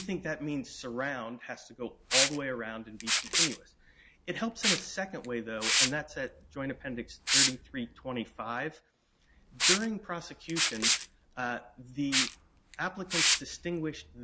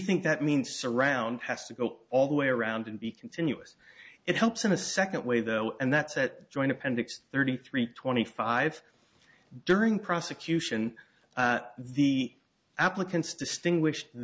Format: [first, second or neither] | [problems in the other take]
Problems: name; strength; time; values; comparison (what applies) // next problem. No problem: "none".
second | background sound (Liquid); 3 dB above the speech